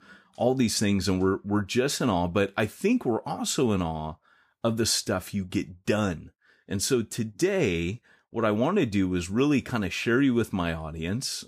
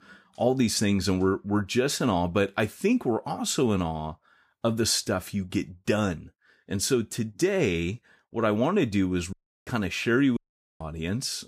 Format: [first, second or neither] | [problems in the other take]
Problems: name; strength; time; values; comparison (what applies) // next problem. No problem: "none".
first | audio cutting out; at 9.5 s and at 10 s